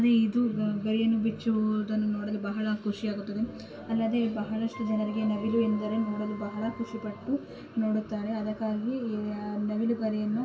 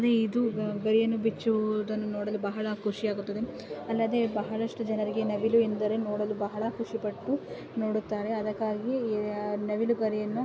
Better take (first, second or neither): second